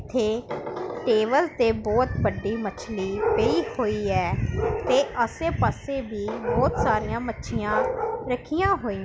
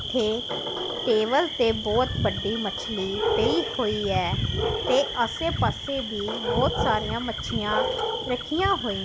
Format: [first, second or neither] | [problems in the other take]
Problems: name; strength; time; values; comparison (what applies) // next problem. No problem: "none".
first | background sound (Cricket); 8 dB below the speech